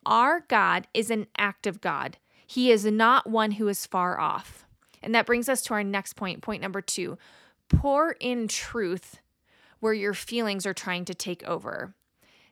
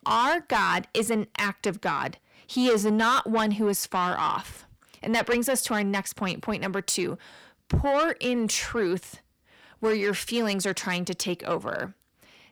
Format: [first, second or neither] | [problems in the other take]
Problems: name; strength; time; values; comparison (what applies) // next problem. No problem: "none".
first | distortion; heavy; 7 dB below the speech